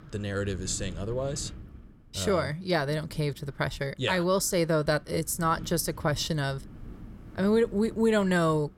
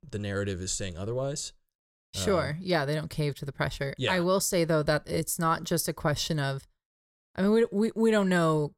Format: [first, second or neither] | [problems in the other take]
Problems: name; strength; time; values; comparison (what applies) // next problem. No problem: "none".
second | wind noise on the microphone; occasional gusts; 25 dB below the speech